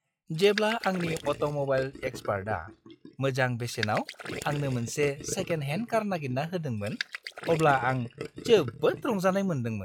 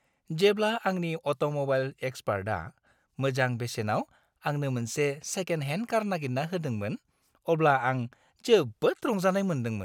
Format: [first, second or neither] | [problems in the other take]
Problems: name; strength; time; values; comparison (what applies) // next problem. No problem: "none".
second | noise reduction (classical method log-MMSE)